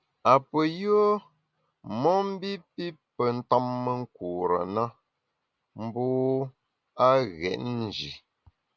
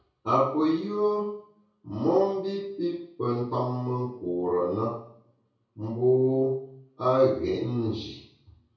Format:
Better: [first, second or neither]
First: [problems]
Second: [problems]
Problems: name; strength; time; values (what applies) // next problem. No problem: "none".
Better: first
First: none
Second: room echo; dies away in 0.6 s